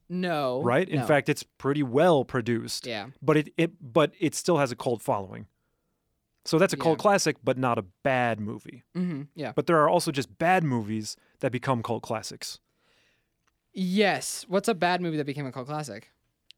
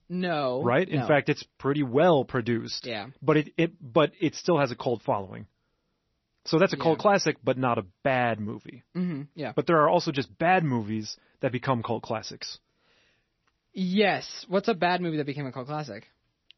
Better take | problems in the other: first | garbled, watery; slightly; nothing above 6 kHz

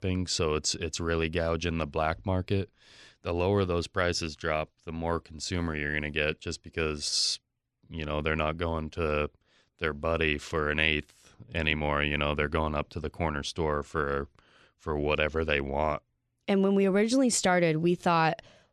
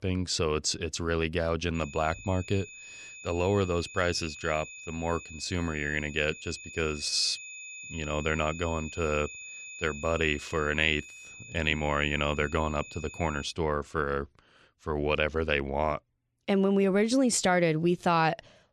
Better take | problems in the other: first | high-pitched whine; noticeable; from 2 to 14 s; 2.5 kHz, 15 dB below the speech

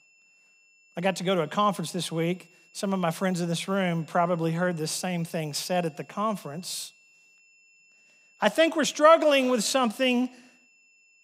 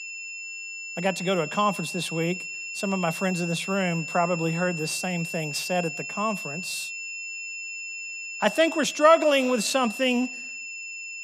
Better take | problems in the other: first | high-pitched whine; loud; throughout; 2.5 kHz, 7 dB below the speech; faint in the first

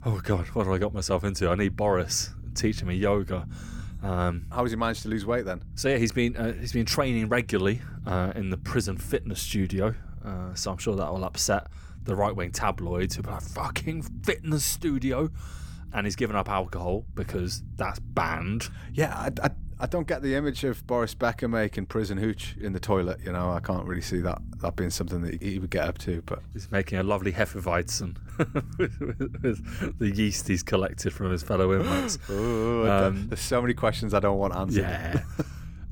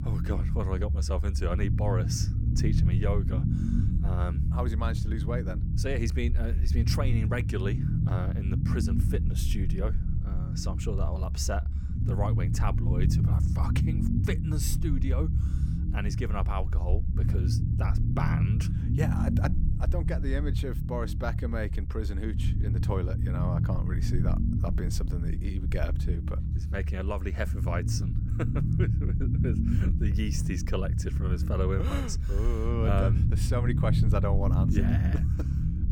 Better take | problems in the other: first | low rumble; loud; throughout; 4 dB below the speech; faint in the first

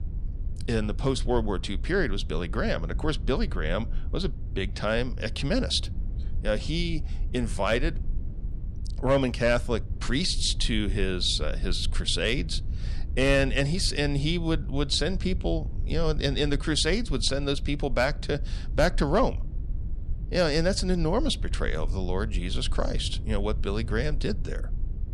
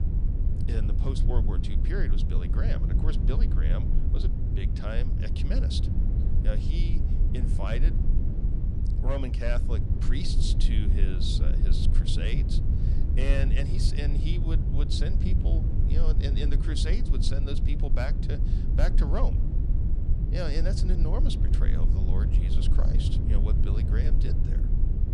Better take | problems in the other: first | low rumble; loud; throughout; 4 dB below the speech; faint in the first

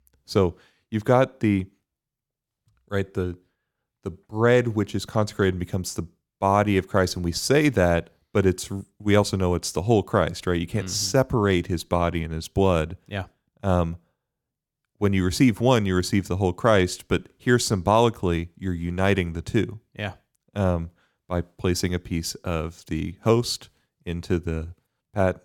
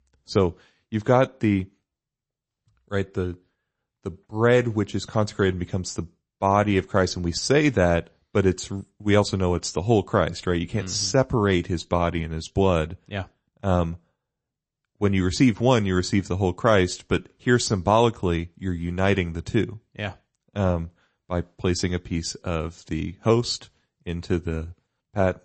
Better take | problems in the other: first | garbled, watery; slightly; nothing above 8 kHz

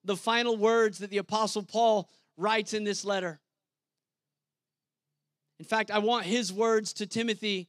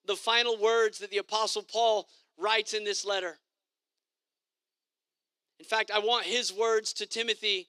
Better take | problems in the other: first | thin; somewhat; fading below 350 Hz

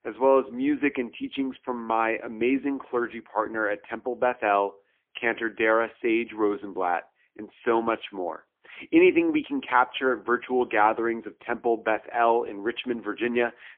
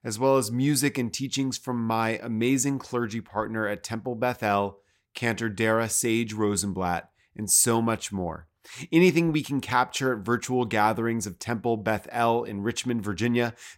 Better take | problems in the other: second | phone-call audio; poor line; nothing above 3 kHz

